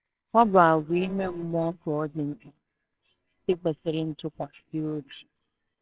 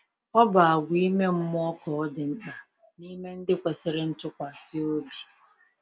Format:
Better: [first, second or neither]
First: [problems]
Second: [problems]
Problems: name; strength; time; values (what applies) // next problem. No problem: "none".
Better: second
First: noise reduction (neural separator model SepFormer WHAMR!)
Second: none